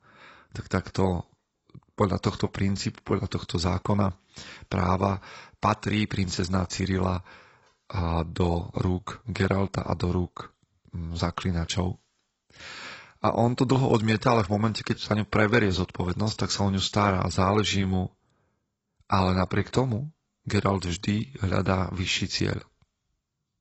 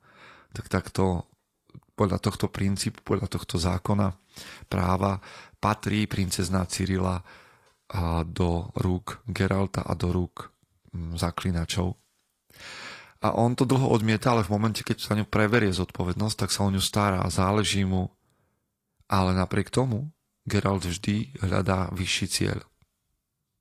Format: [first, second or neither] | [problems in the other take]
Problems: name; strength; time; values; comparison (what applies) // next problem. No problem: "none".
second | garbled, watery; badly; nothing above 8 kHz; slightly in the second